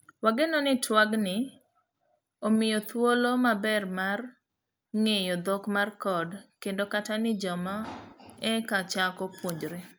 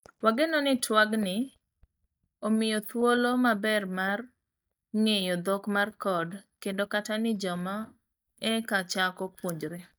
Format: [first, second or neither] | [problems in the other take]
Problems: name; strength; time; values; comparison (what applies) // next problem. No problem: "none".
first | noise reduction (neural mask model DeepFilterNet 3)